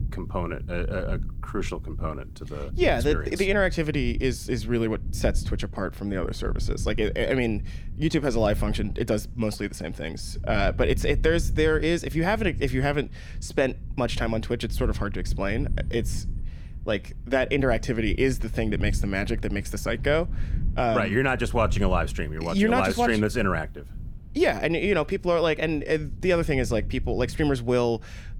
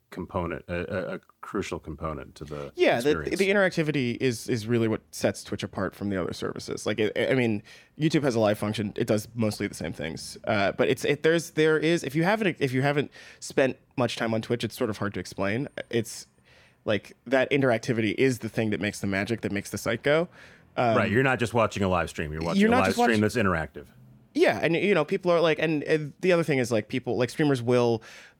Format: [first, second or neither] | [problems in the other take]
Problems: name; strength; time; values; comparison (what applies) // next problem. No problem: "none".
second | low rumble; faint; throughout; 20 dB below the speech